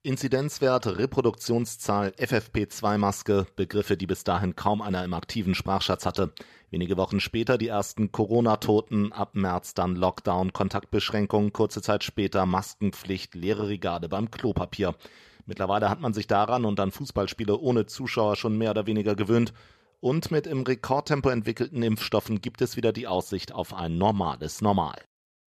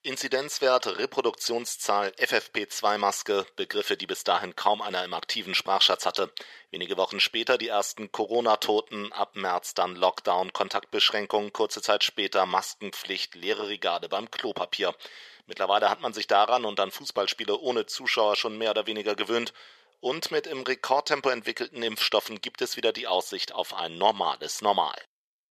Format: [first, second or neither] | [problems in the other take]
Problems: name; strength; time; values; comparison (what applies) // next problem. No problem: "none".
first | thin; very; fading below 550 Hz